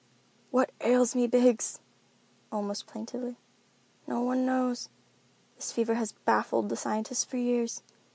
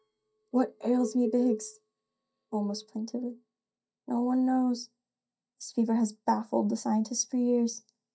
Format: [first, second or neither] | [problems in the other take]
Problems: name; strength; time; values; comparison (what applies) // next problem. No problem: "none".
first | noise reduction (neural mask model DeepFilterNet 3)